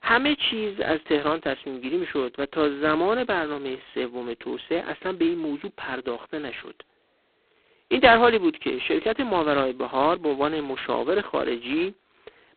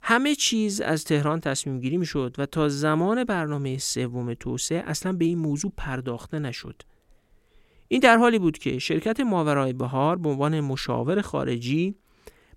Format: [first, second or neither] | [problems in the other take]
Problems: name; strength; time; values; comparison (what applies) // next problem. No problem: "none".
second | phone-call audio; poor line; nothing above 4 kHz